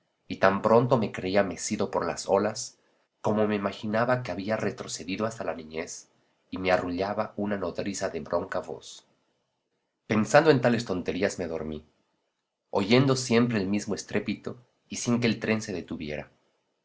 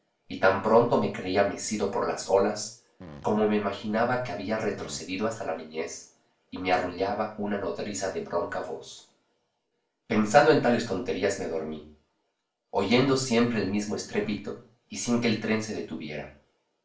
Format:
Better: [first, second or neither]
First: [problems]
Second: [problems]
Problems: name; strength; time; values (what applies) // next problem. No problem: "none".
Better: first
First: none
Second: background sound (Fart); 19 dB below the speech // room echo; dies away in 0.4 s